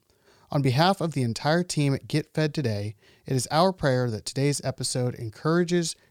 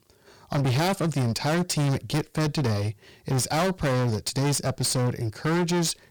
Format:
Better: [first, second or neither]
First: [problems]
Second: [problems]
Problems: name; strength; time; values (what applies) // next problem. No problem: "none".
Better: first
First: none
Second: distortion; heavy; 27% of the sound clipped